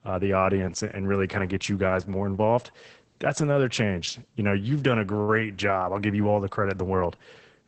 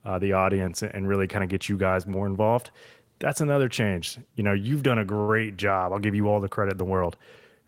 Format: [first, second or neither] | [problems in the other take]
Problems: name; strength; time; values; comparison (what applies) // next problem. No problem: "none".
second | garbled, watery; badly; nothing above 8 kHz; slightly in the second